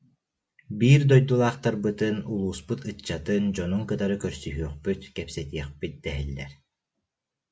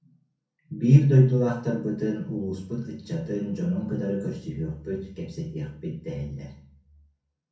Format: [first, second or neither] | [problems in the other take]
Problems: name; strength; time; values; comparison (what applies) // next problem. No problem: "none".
first | room echo; dies away in 0.5 s